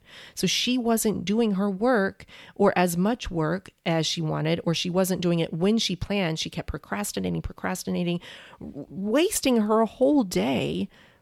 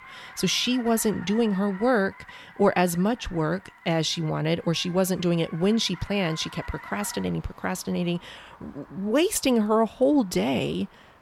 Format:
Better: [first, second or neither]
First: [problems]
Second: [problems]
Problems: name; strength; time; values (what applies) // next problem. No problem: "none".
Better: first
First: none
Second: traffic noise; faint; throughout; 20 dB below the speech